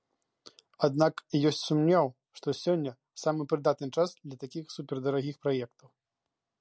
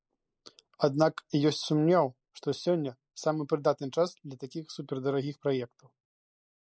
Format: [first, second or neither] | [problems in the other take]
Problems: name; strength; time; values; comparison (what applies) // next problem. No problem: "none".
first | noise reduction (neural mask model Resemble Enhance denoiser)